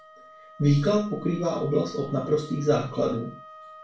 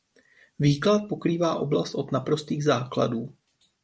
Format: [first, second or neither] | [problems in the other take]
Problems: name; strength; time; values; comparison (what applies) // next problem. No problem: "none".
second | background sound (Wind instrument, woodwind instrument); 19 dB below the speech // room echo; dies away in 0.3 s